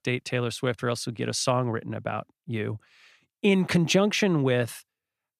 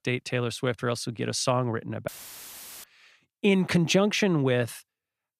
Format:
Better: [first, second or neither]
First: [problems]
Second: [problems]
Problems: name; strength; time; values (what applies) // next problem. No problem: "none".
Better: first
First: none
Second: audio cutting out; filled with static; at 2 s for 1 s